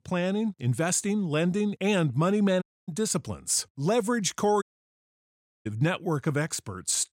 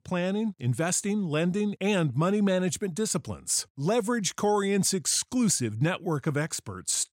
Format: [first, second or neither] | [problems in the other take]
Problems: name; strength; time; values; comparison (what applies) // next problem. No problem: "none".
second | audio cutting out; at 2.5 s and at 4.5 s for 1 s